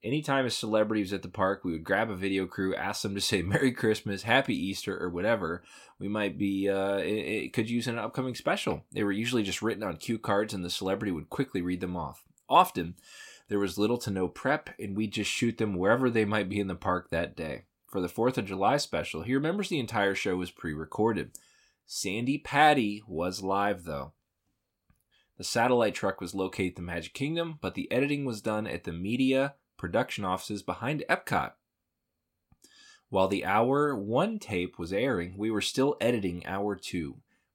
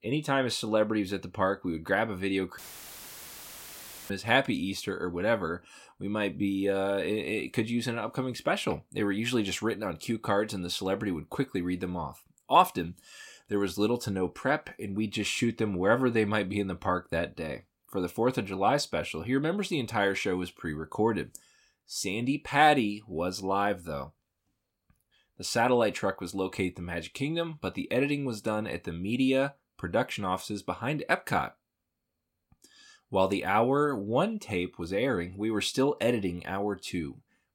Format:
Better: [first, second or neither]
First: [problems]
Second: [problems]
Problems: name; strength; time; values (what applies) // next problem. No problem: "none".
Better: first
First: none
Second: audio cutting out; filled with static; at 2.5 s for 1.5 s